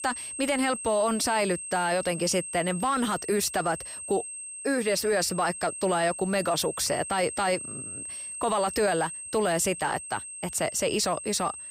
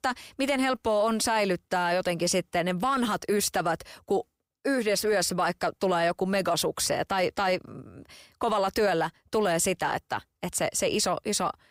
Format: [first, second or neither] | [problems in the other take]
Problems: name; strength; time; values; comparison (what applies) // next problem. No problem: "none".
second | high-pitched whine; loud; throughout; 8.5 kHz, 8 dB below the speech